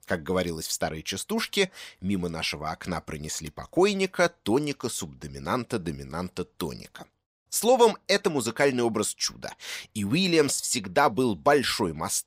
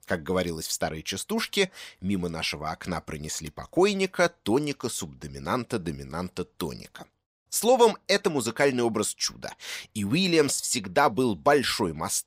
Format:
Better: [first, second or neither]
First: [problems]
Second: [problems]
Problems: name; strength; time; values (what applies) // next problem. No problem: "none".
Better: neither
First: none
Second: none